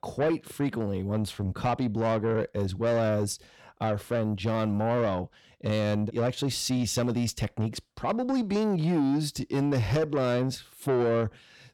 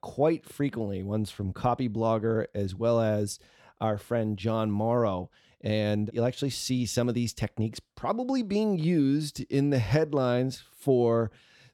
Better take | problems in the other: second | distortion; slight; 10 dB below the speech

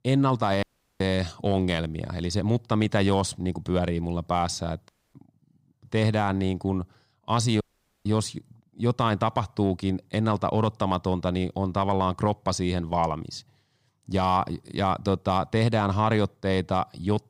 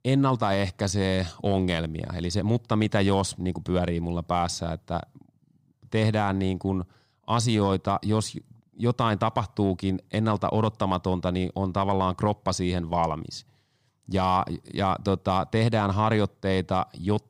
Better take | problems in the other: second | audio cutting out; at 0.5 s, at 5 s and at 7.5 s

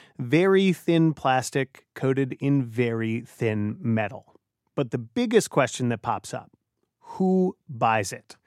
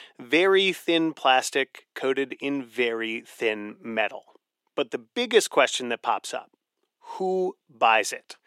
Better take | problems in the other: first | thin; somewhat; fading below 350 Hz

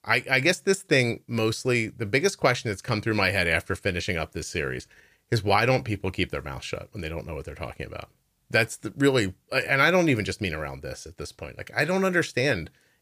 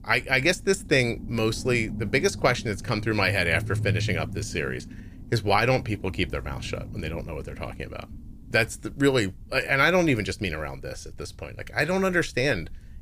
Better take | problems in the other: first | low rumble; faint; throughout; 20 dB below the speech

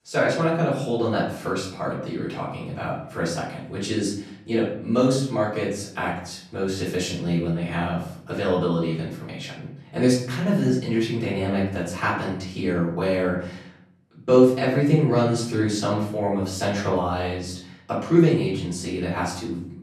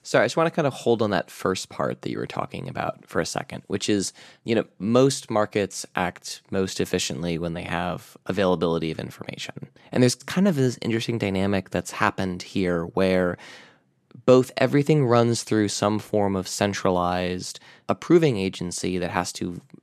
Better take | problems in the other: second | off-mic speech; far // room echo; noticeable; dies away in 0.6 s

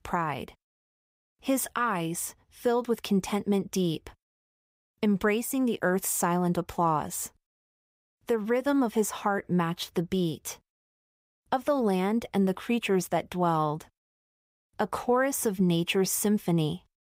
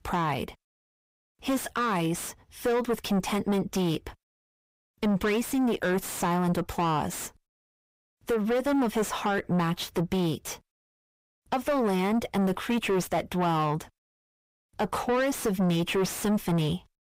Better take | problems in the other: first | distortion; heavy; 6 dB below the speech

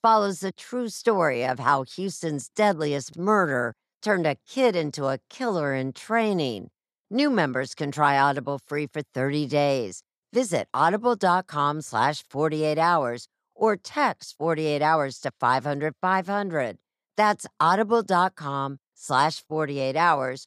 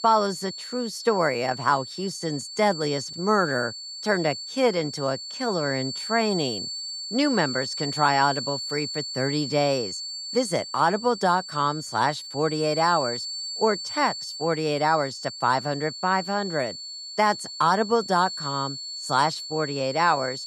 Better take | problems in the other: first | high-pitched whine; loud; throughout; 4.5 kHz, 7 dB below the speech

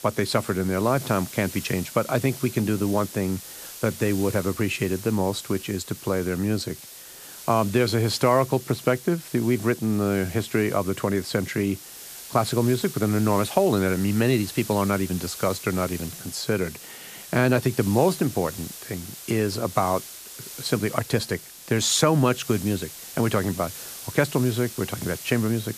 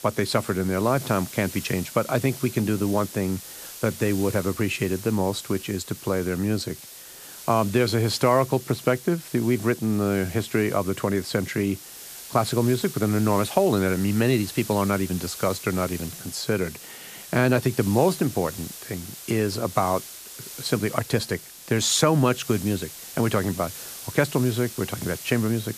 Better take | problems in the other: neither | hiss; noticeable; throughout; 15 dB below the speech; the same in both

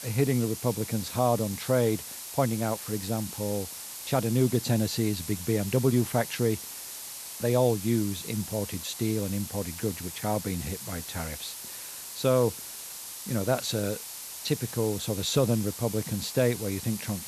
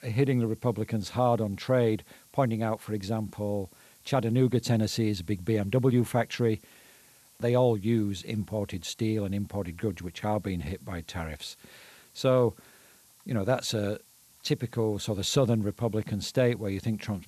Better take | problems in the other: second | hiss; loud; throughout; 8 dB below the speech; faint in the second

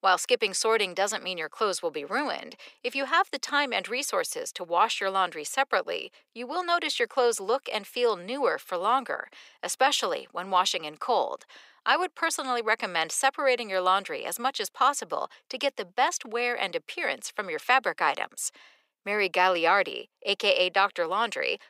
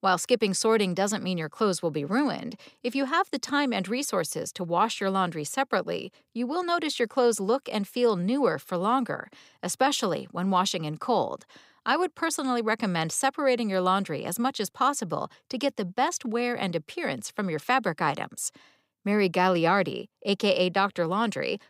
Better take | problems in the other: second | thin; somewhat; fading below 550 Hz

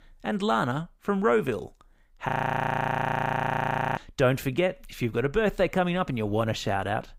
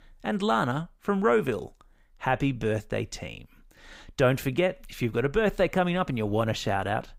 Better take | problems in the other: second | audio freezing; at 2.5 s for 1.5 s

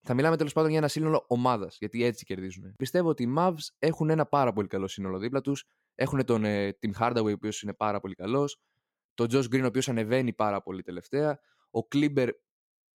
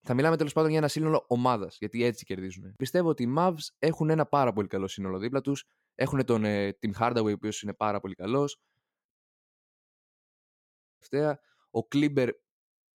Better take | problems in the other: first | audio cutting out; at 9 s for 2 s

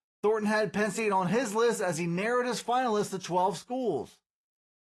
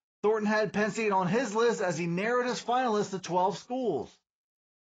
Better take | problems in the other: first | garbled, watery; badly; nothing above 7.5 kHz; slightly in the first

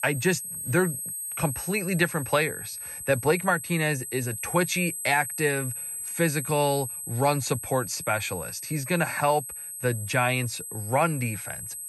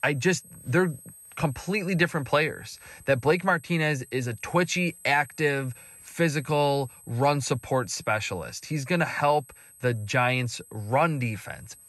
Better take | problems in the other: second | high-pitched whine; loud; throughout; 8 kHz, 6 dB below the speech; faint in the second

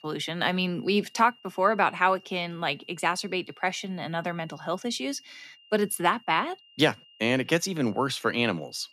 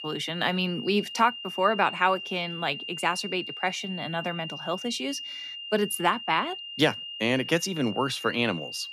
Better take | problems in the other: first | high-pitched whine; loud; throughout; 3 kHz, 8 dB below the speech; faint in the first

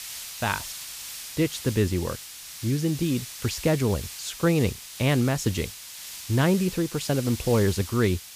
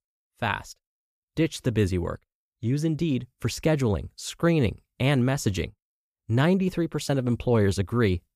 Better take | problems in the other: second | hiss; noticeable; throughout; 10 dB below the speech

